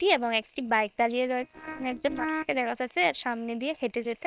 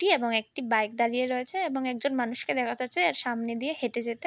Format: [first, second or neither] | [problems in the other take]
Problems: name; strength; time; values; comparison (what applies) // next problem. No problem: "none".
second | noise reduction (neural separator model SepFormer WHAM!)